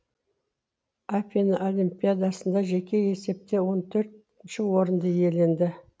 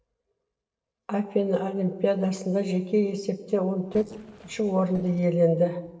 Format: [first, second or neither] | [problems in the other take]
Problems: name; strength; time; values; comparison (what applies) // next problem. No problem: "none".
first | noise reduction (neural separator model SepFormer DNS4)